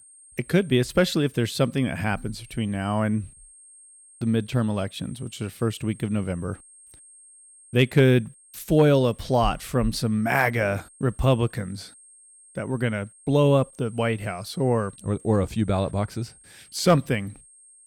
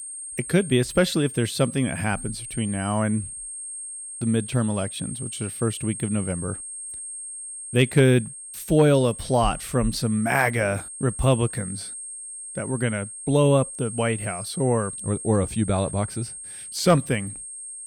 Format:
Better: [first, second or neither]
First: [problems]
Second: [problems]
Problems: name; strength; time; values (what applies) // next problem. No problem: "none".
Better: first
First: high-pitched whine; faint; throughout; 8.5 kHz, 25 dB below the speech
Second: high-pitched whine; loud; throughout; 8.5 kHz, 10 dB below the speech